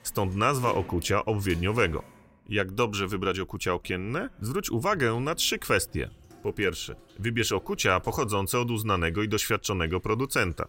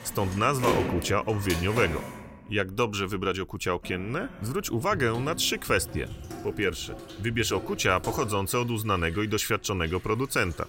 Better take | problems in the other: first | household noises; loud; throughout; 9 dB below the speech; faint in the first

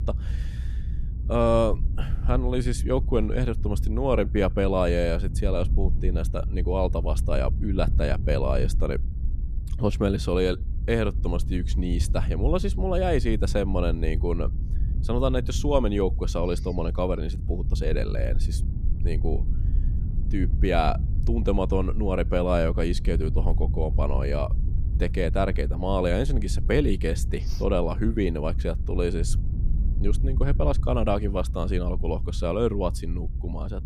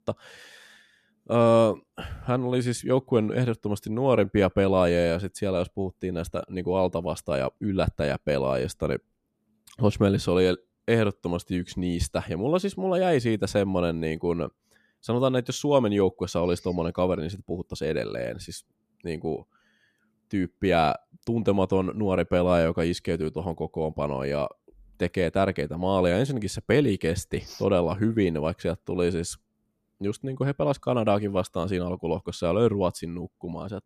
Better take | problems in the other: second | low rumble; noticeable; throughout; 15 dB below the speech

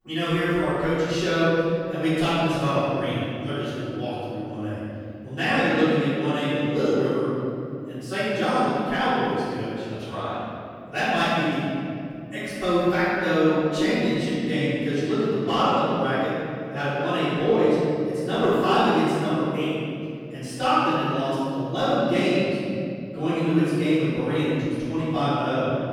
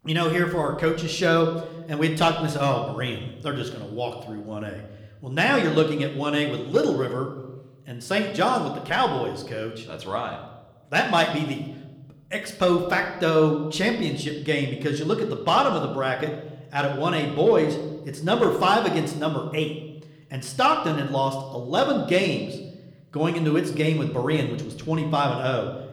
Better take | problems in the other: second | room echo; strong; dies away in 2.8 s; slight in the second // off-mic speech; far

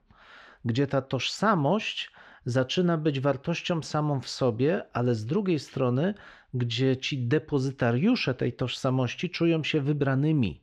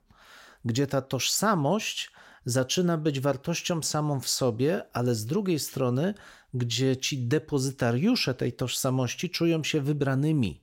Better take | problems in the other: second | muffled; slightly; fading above 3 kHz

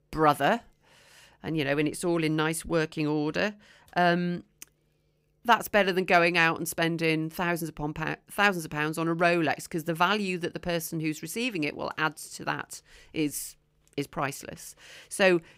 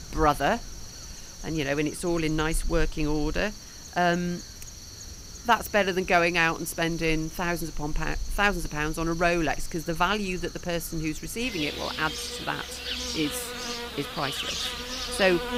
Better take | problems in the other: first | animal sounds; loud; throughout; 9 dB below the speech

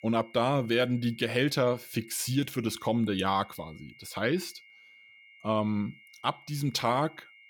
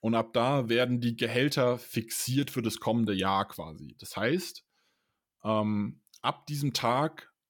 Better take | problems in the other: second | high-pitched whine; faint; throughout; 2 kHz, 25 dB below the speech

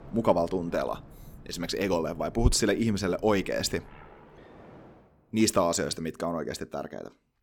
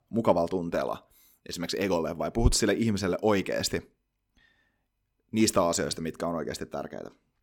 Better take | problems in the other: second | train or aircraft noise; faint; until 5 s; 20 dB below the speech

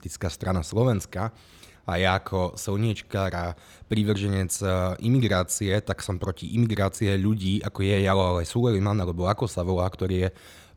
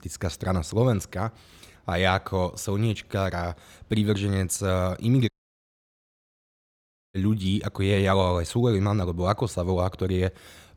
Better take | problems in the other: first | audio cutting out; at 5.5 s for 2 s

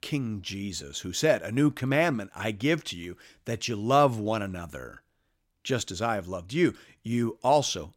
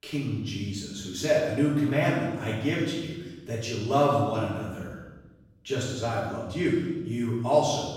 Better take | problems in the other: first | off-mic speech; far // room echo; noticeable; dies away in 1.1 s

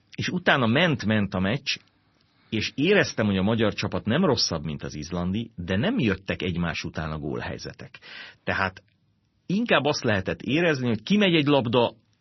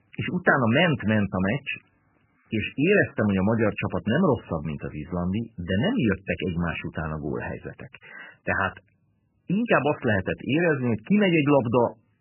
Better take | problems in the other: first | garbled, watery; badly; nothing above 3 kHz; slightly in the first

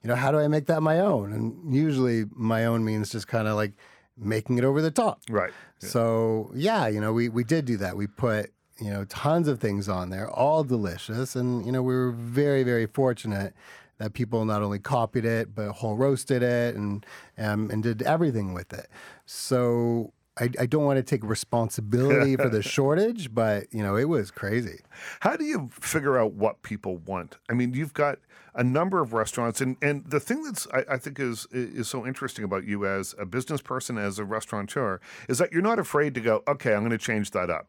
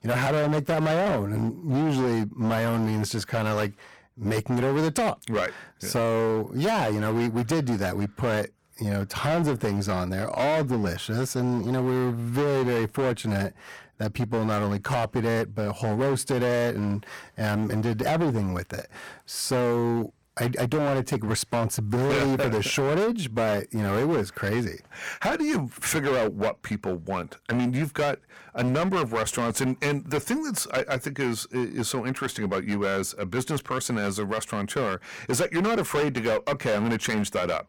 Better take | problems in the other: first | distortion; heavy; 19% of the sound clipped

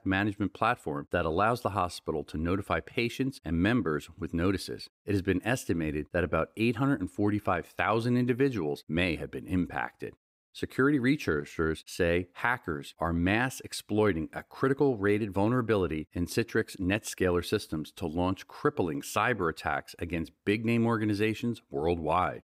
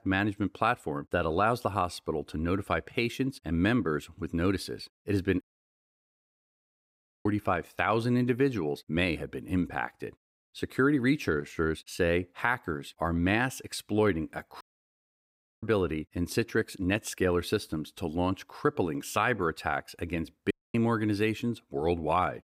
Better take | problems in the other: first | audio cutting out; at 5.5 s for 2 s, at 15 s for 1 s and at 21 s

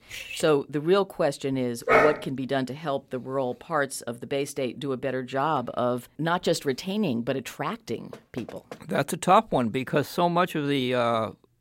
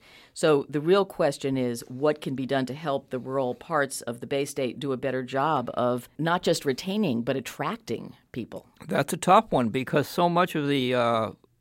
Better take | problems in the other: second | clattering dishes; noticeable; at the start; peak 9 dB below the speech // dog barking; loud; at 2 s; peak 6 dB above the speech // door banging; faint; at 8 s; peak 15 dB below the speech

